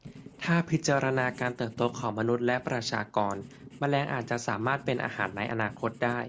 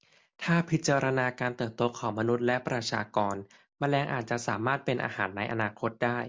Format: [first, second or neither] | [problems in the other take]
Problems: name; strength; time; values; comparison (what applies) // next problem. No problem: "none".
second | background sound (Writing); 18 dB below the speech